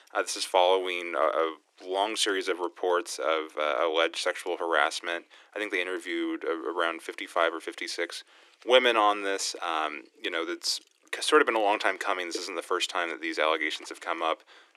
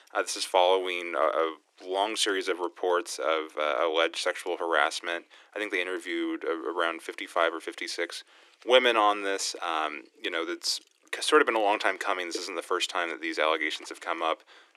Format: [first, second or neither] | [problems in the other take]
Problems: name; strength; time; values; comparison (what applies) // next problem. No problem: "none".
neither | thin; very; fading below 300 Hz; the same in both